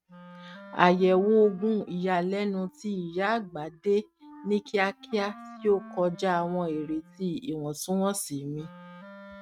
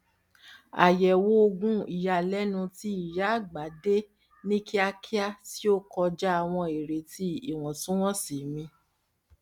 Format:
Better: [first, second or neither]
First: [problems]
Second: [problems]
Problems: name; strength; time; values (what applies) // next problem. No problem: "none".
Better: second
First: noise reduction (neural mask model RNNoise)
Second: none